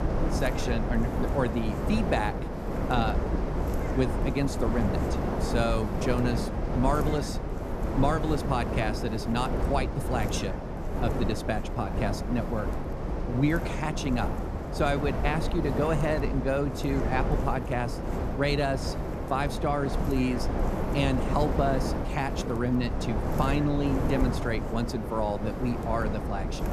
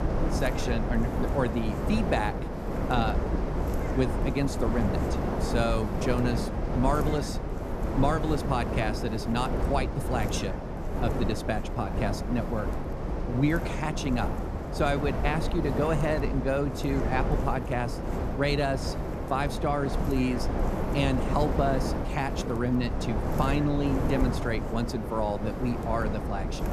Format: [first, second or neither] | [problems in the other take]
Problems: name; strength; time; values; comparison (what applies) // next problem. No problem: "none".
neither | wind noise on the microphone; heavy; 4 dB below the speech; the same in both